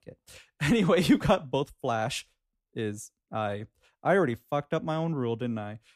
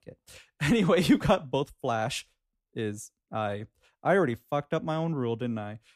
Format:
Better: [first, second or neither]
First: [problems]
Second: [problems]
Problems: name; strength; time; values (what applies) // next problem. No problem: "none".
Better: neither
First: none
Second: none